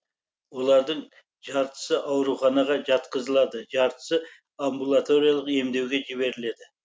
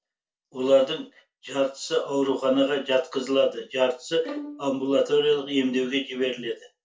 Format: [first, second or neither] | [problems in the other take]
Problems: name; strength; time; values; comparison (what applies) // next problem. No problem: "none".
first | noise reduction (neural separator model SepFormer DNS4)